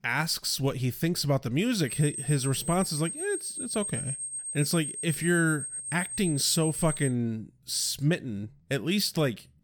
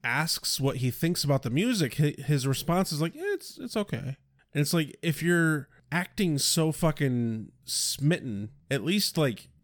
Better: second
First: high-pitched whine; loud; from 2 to 7 s; 8.5 kHz, 5 dB below the speech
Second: none

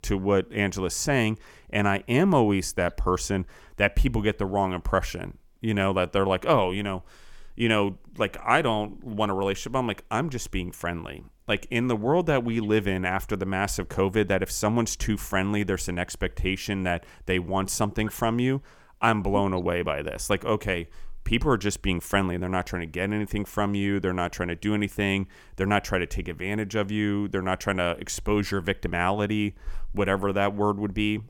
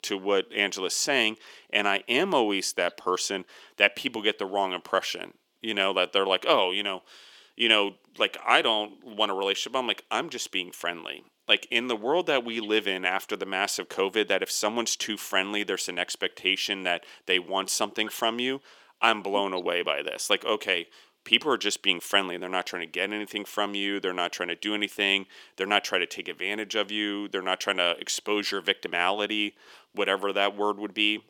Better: first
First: none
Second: thin; somewhat; fading below 300 Hz

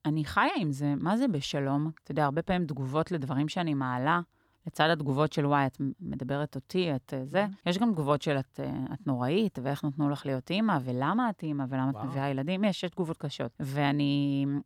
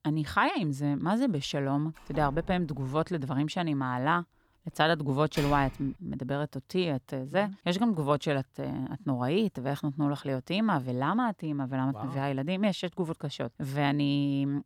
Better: first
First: none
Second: door banging; noticeable; from 2 to 6 s; peak 8 dB below the speech

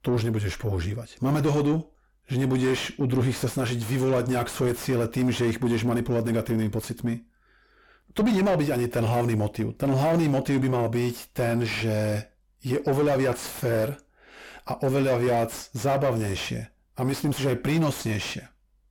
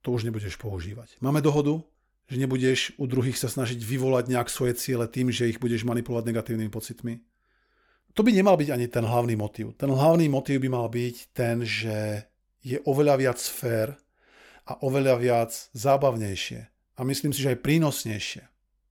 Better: second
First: distortion; heavy; 6 dB below the speech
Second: none

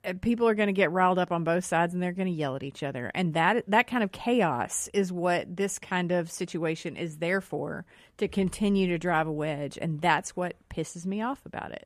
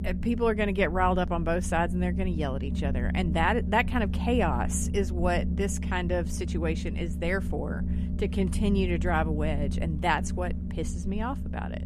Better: first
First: none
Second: low rumble; noticeable; throughout; 15 dB below the speech

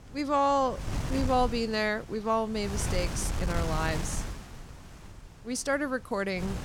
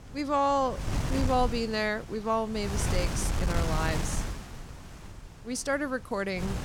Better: first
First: wind noise on the microphone; occasional gusts; 10 dB below the speech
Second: wind noise on the microphone; heavy; 9 dB below the speech

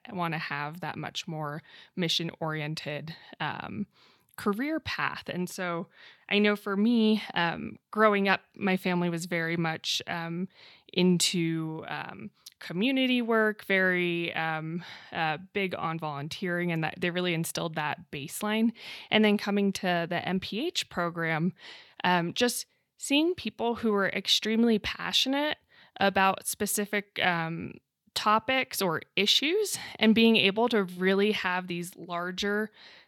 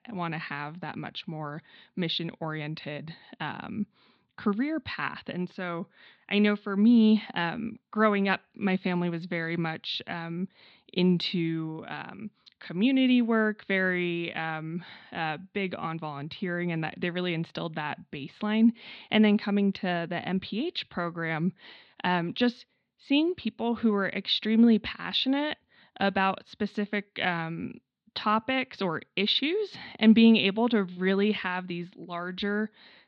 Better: first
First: none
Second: muffled; very slightly; fading above 4 kHz

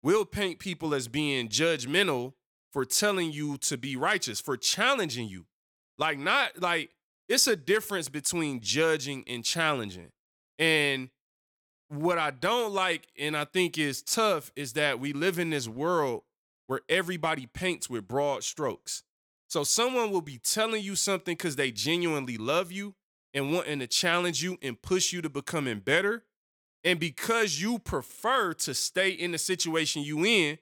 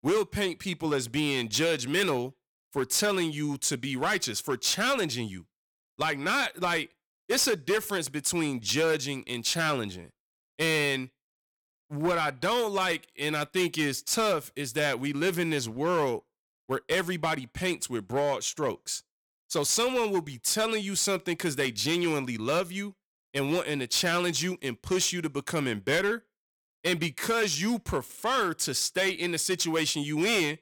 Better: first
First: none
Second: distortion; slight; 7% of the sound clipped

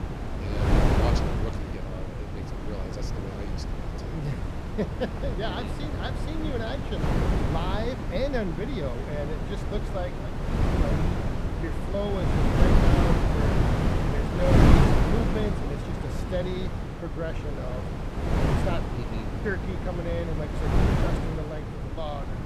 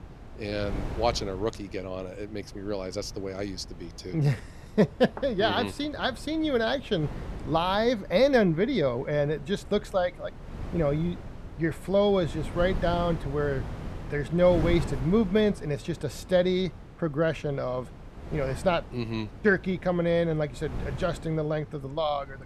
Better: second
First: wind noise on the microphone; heavy; 3 dB above the speech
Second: wind noise on the microphone; occasional gusts; 20 dB below the speech

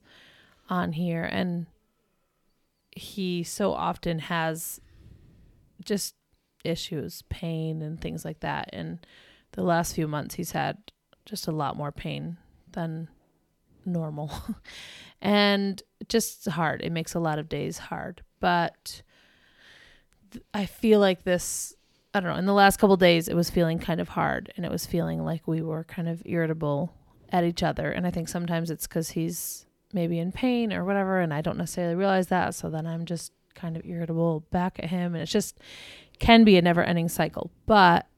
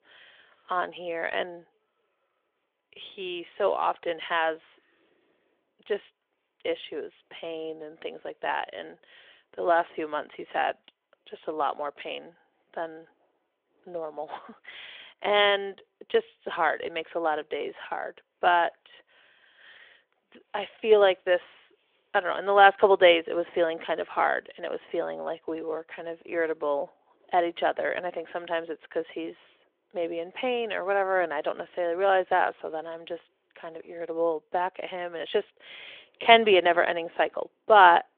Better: first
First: none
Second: phone-call audio; nothing above 3.5 kHz

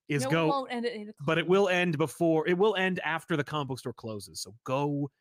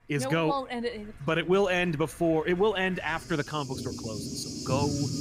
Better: first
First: none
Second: rain or running water; loud; throughout; 8 dB below the speech

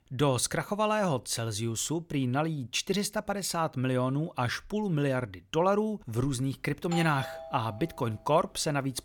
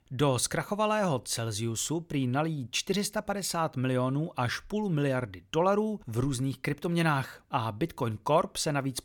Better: second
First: doorbell; noticeable; from 7 to 8 s; peak 8 dB below the speech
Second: none

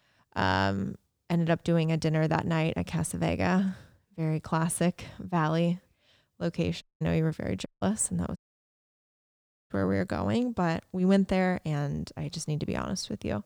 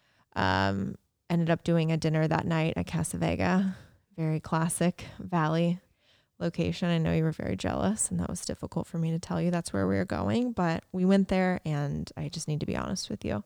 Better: second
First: audio cutting out; at 7 s, at 7.5 s and at 8.5 s for 1.5 s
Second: none

